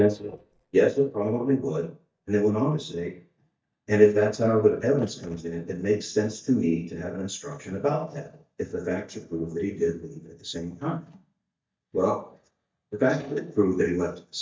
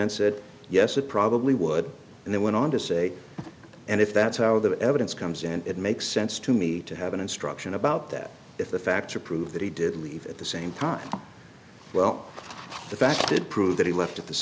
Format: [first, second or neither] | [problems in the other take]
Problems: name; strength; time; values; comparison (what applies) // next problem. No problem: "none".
second | noise reduction (neural mask model DeepFilterNet 3)